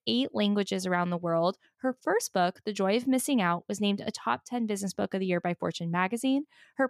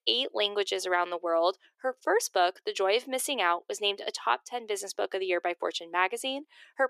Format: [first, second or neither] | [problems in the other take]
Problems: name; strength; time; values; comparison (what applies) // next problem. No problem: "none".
first | thin; very; fading below 350 Hz